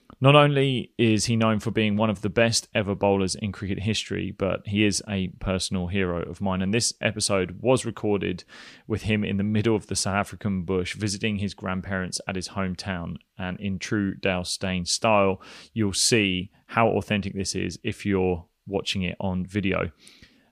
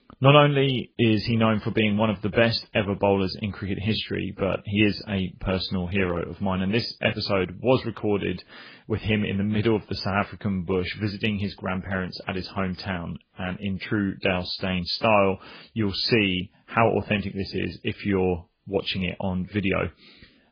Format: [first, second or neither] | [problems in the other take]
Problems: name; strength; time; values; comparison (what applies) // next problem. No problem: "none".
first | garbled, watery; badly; nothing above 5 kHz